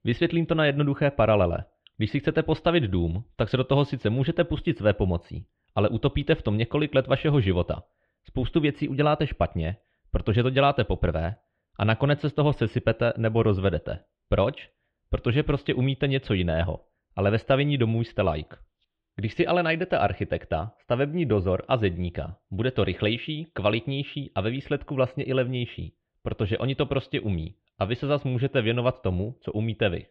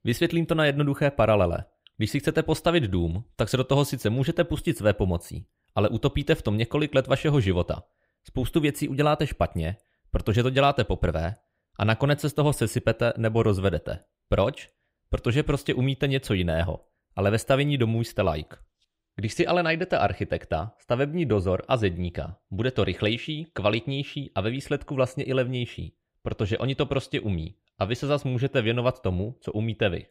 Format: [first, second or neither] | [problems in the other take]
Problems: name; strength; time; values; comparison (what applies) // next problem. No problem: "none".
second | muffled; slightly; fading above 3.5 kHz